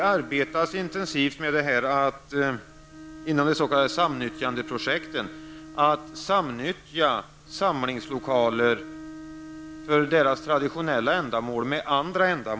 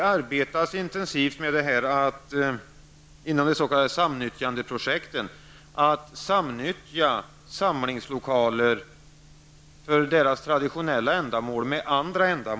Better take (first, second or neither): second